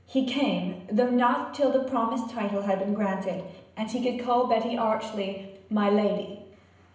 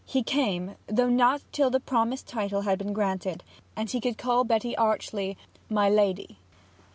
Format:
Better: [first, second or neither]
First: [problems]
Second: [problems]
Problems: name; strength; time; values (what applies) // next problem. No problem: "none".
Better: second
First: room echo; dies away in 0.8 s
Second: none